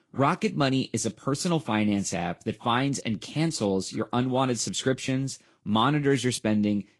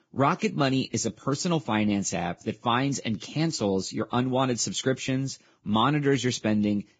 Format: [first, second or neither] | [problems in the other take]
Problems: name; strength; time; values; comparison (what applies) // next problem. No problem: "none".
first | garbled, watery; badly; nothing above 7.5 kHz; slightly in the first